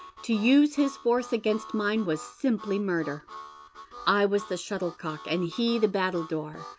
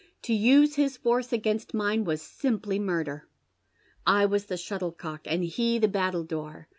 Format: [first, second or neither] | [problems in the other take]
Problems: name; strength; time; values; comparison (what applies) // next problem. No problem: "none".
second | background sound (Harmonica); 18 dB below the speech